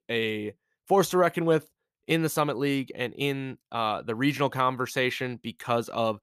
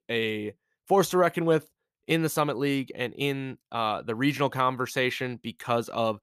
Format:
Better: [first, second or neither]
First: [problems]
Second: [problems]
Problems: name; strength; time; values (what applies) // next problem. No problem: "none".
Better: neither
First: none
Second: none